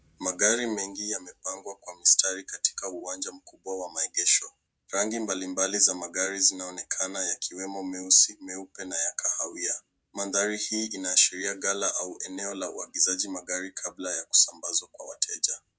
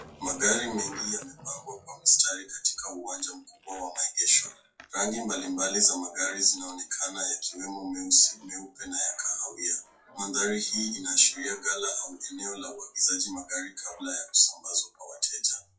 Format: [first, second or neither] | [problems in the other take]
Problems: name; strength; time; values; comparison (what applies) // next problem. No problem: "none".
first | noise reduction (classical method WPE with log-MMSE)